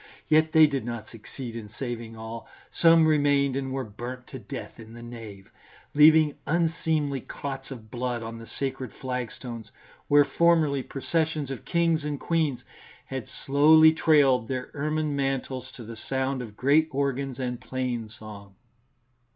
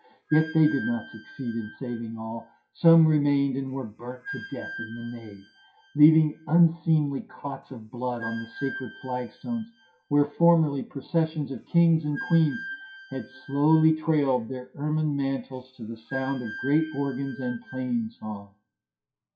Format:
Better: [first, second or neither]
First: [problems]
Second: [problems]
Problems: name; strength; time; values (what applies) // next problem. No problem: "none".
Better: first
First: none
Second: noise reduction (classical method WPE with log-MMSE)